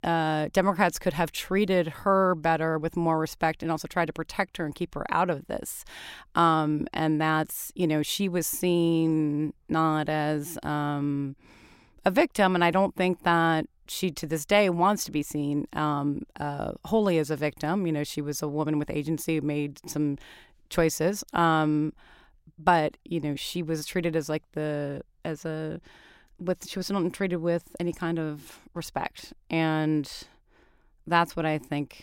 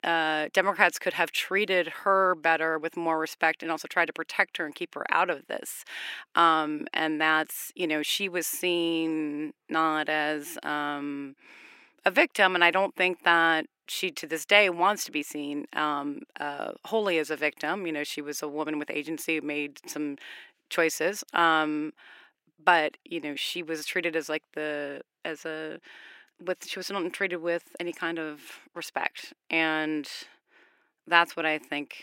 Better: first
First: none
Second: thin; somewhat; fading below 300 Hz

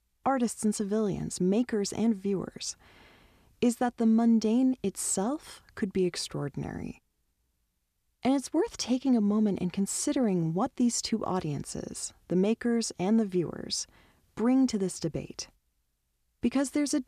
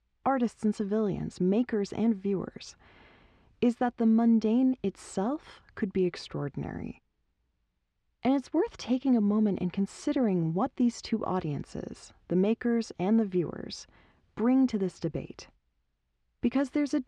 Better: first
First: none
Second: muffled; slightly; fading above 3 kHz

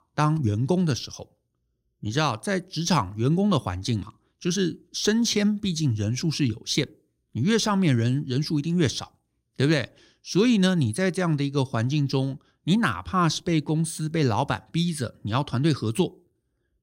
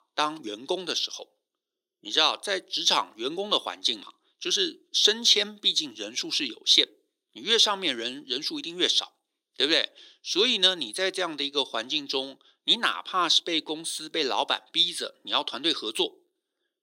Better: first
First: none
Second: thin; very; fading below 350 Hz

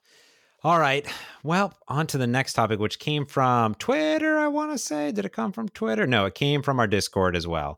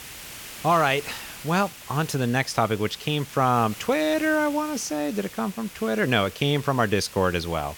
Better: first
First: none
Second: hiss; noticeable; throughout; 15 dB below the speech

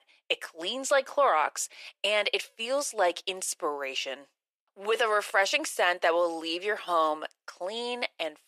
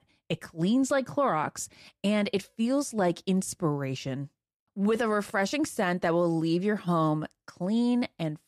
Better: second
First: thin; very; fading below 450 Hz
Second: none

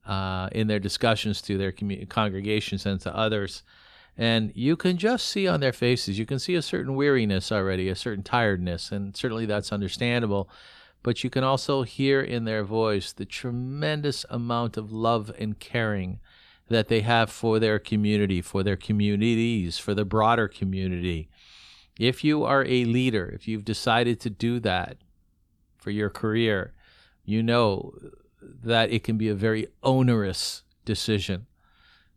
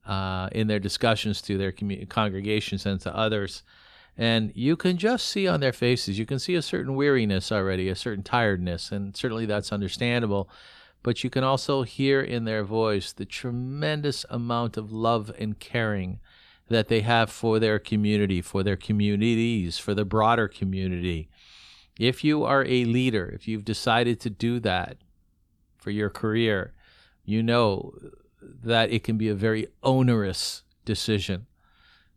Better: neither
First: none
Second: none

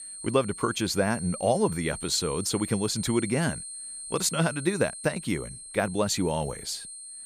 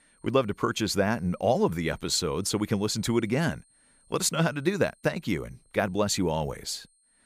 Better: second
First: high-pitched whine; loud; throughout; 8.5 kHz, 10 dB below the speech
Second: high-pitched whine; faint; throughout; 8.5 kHz, 35 dB below the speech

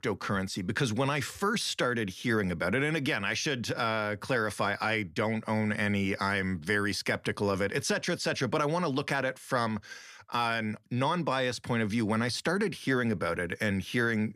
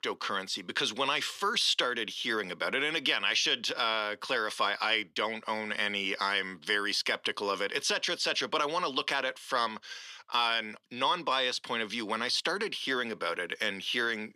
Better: first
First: none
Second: thin; somewhat; fading below 350 Hz

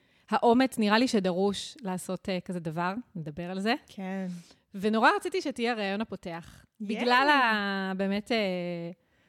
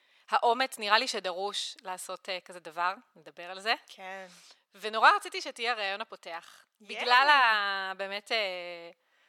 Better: first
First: none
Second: thin; very; fading below 750 Hz

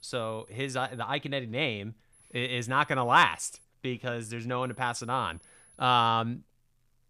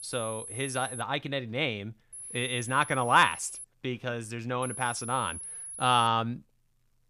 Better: first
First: high-pitched whine; faint; until 1 s, from 2 to 3.5 s and from 4.5 to 6 s; 10.5 kHz, 30 dB below the speech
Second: high-pitched whine; loud; until 1 s, from 2 to 3.5 s and from 4.5 to 6 s; 10.5 kHz, 10 dB below the speech

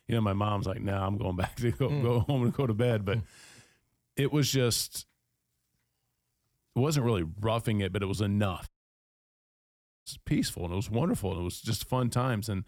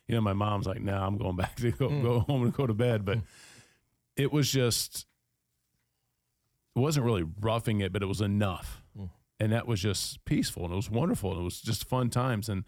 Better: second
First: audio cutting out; at 8.5 s for 1.5 s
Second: none

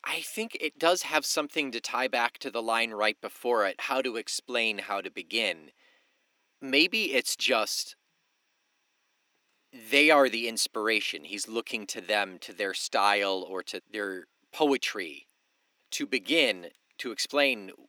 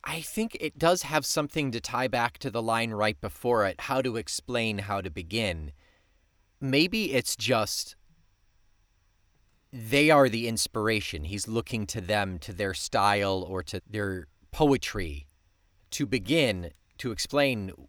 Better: second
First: thin; very slightly; fading below 250 Hz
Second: none

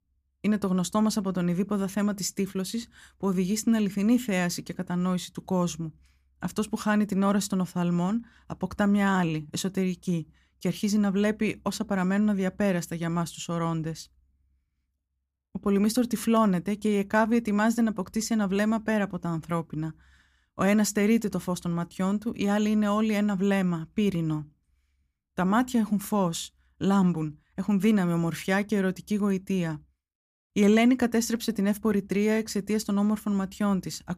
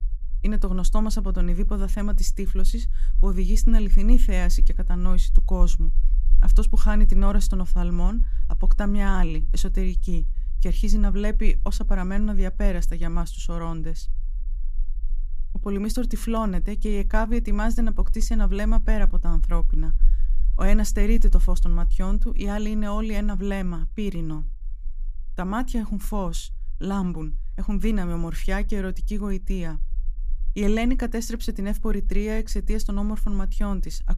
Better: first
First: none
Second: low rumble; faint; throughout; 25 dB below the speech

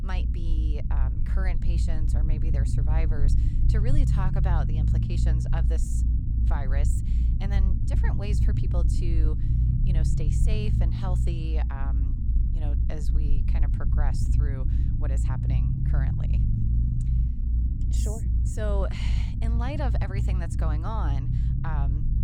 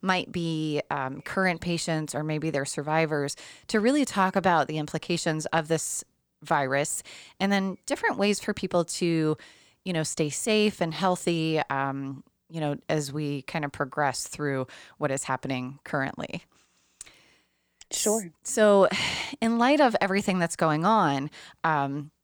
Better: second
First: low rumble; loud; throughout; 2 dB below the speech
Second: none

